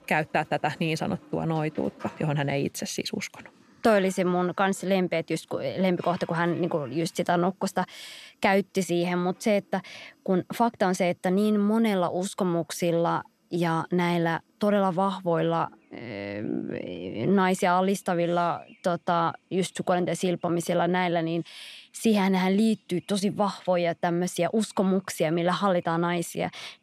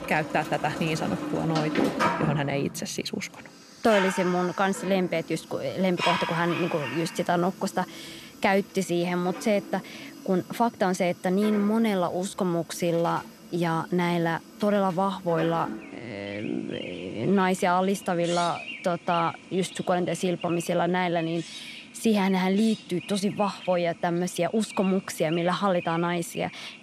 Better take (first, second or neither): first